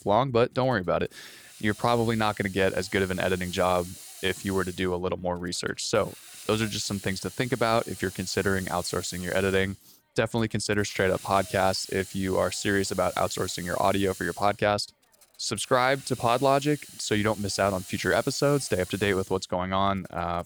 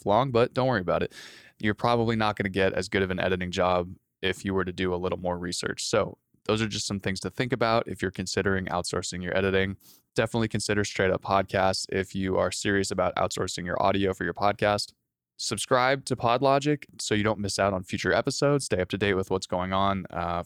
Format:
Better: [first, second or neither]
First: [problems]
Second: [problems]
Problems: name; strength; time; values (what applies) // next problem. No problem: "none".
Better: second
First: hiss; noticeable; throughout; 15 dB below the speech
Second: none